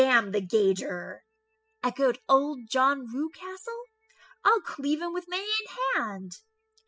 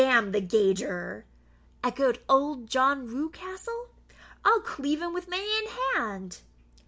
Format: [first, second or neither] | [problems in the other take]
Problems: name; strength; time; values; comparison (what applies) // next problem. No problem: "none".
second | noise reduction (classical method spectral subtraction)